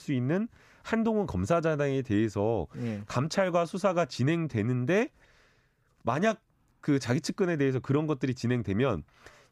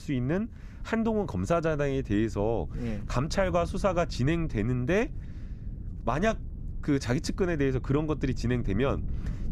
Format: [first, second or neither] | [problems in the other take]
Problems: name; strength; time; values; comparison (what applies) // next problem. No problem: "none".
first | low rumble; faint; throughout; 20 dB below the speech